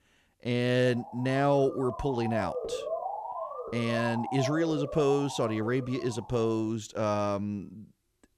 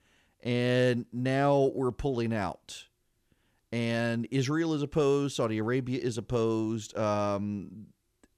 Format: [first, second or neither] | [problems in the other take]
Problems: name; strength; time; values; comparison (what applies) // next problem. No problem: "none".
second | siren; noticeable; from 1 to 6.5 s; peak 4 dB below the speech